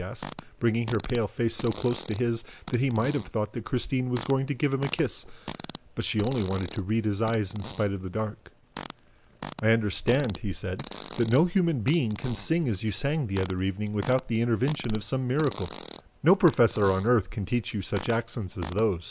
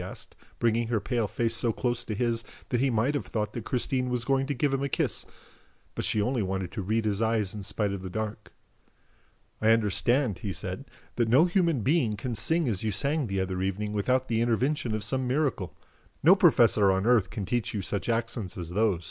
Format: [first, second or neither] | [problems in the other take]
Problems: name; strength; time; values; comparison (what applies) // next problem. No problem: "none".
second | background sound (Fart); 16 dB below the speech